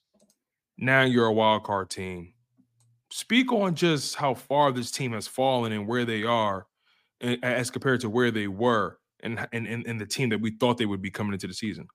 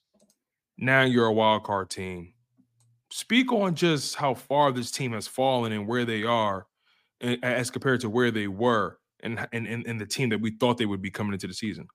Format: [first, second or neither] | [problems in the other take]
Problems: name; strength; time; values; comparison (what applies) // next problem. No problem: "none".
neither | none